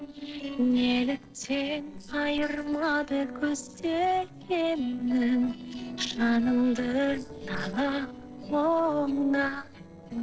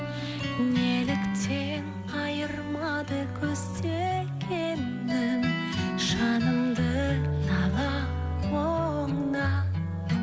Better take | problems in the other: second | noise reduction (neural separator model SepFormer DNS4)

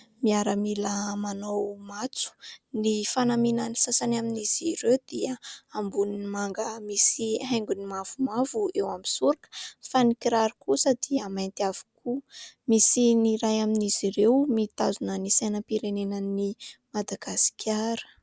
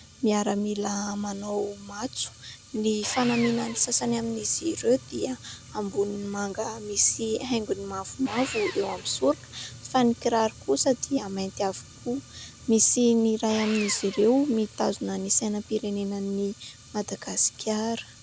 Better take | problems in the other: first | background sound (Sawing + Fire); 16 dB below the speech

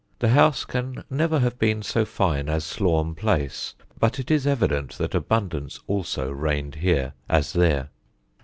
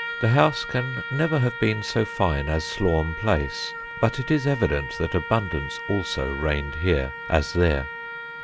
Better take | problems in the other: first | background sound (Trumpet); 10 dB below the speech

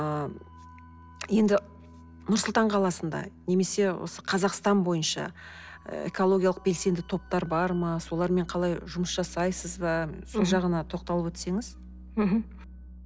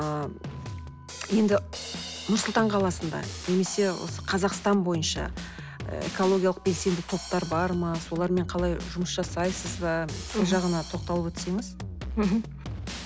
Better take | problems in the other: first | background sound (Drum kit); 10 dB below the speech

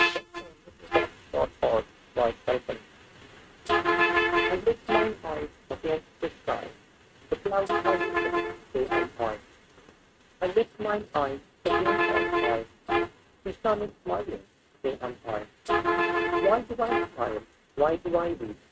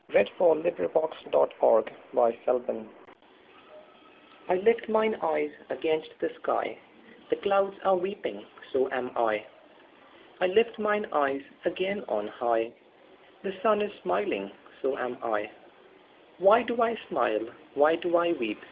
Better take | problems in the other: second | noise reduction (neural mask model RNNoise)

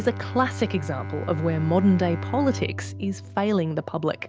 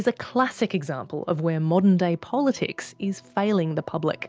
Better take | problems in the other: second | background sound (Bowed string instrument); 8 dB below the speech

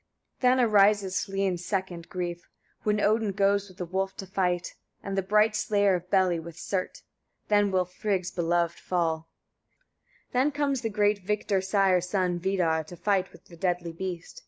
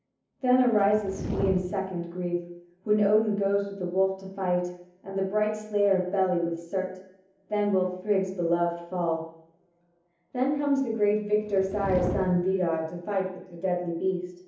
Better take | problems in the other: first | background sound (Fire); 9 dB below the speech // room echo; dies away in 0.7 s

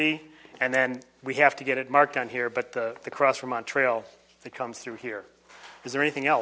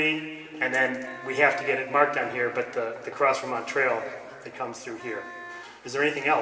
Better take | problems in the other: first | background sound (Wind instrument, woodwind instrument); 17 dB below the speech // room echo; dies away in 2.4 s

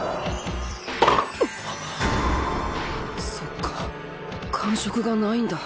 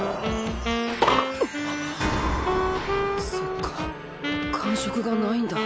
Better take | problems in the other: first | background sound (Wind instrument, woodwind instrument); 2 dB below the speech

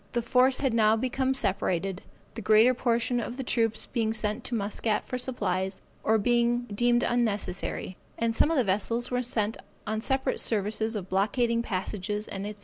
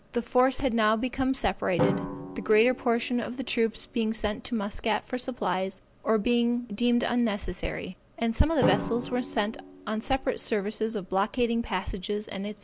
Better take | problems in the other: first | background sound (Drum); 11 dB below the speech

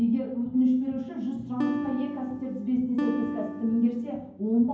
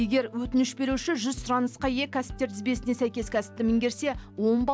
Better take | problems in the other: second | background sound (Acoustic guitar); 5 dB below the speech // room echo; dies away in 0.9 s

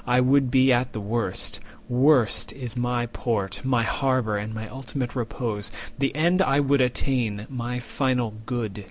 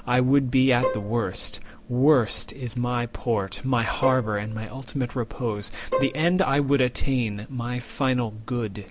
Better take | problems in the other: first | background sound (Bowed string instrument); 7 dB below the speech

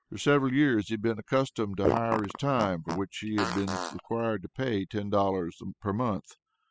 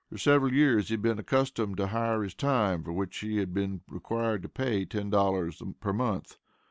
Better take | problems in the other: second | noise reduction (classical method spectral subtraction)

